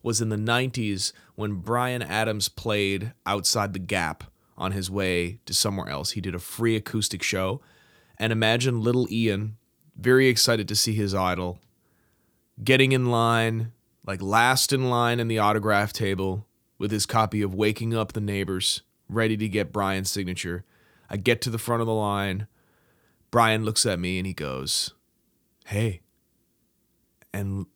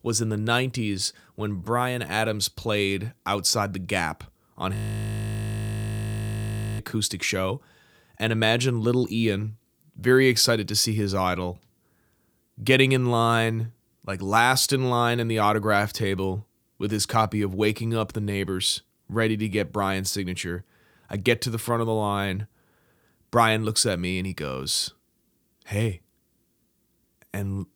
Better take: first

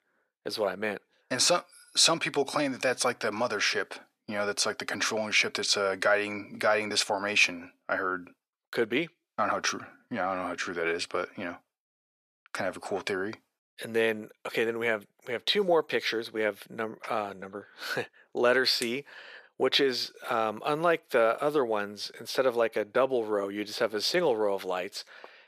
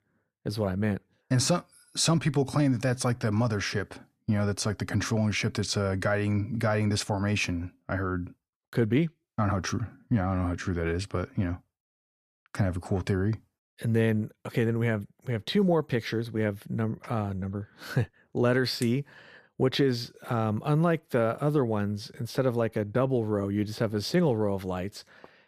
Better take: second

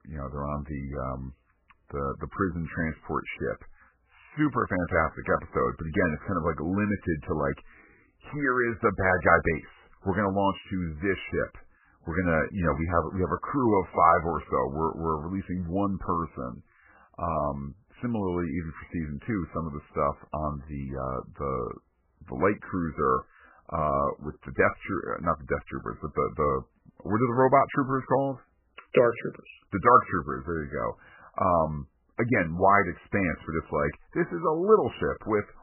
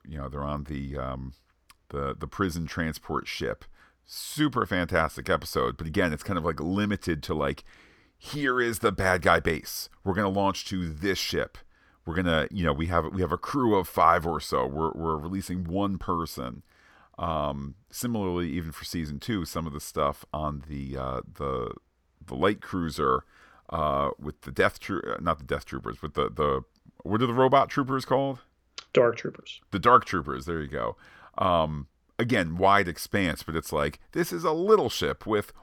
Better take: second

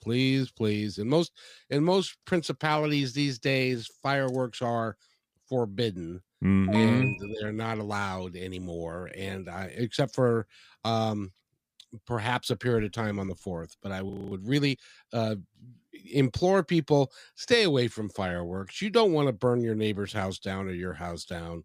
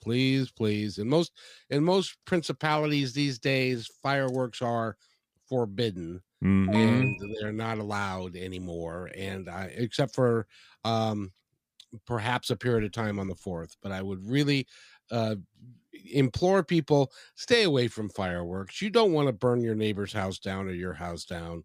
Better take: second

